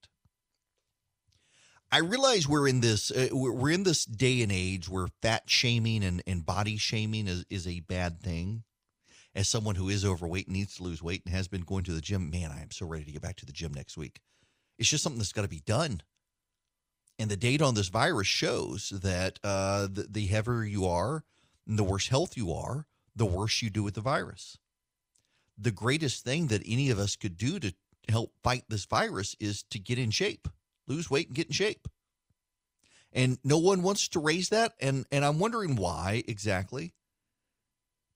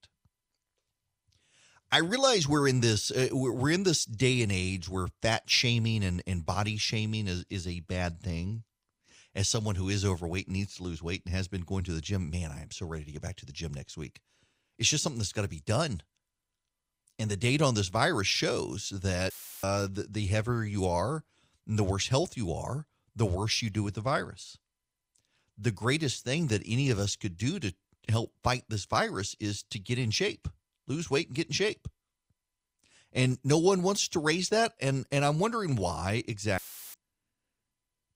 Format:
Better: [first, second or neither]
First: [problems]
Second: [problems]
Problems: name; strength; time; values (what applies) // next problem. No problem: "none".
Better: first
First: none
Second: audio cutting out; filled with static; at 19 s and at 37 s